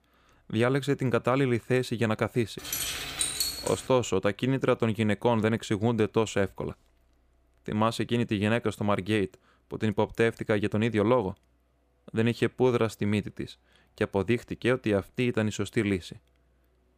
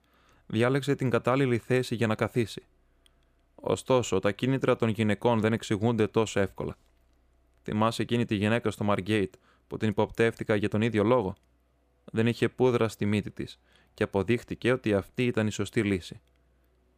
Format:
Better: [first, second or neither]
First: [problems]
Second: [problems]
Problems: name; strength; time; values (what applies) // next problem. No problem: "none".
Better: second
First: jangling keys; loud; from 2.5 to 3.5 s; peak 1 dB above the speech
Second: none